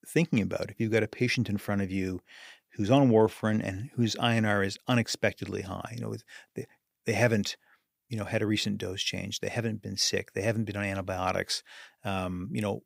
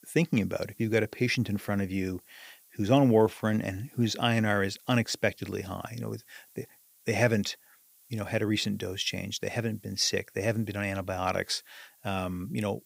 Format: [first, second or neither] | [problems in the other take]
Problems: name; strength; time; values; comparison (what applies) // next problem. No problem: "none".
first | hiss; faint; throughout; 25 dB below the speech